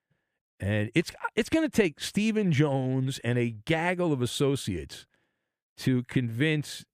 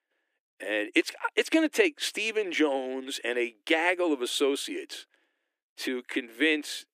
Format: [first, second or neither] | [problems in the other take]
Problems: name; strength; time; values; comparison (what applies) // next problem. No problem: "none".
first | thin; somewhat; fading below 300 Hz